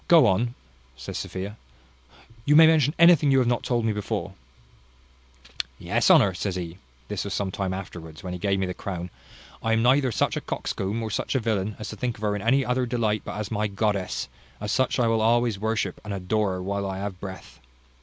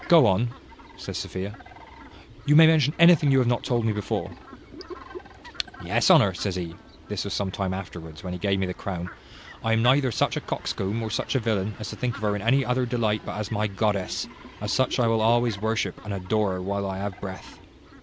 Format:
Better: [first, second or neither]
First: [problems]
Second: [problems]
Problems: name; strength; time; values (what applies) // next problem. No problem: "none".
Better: first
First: none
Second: background sound (Bathtub (filling or washing) + Fowl); 19 dB below the speech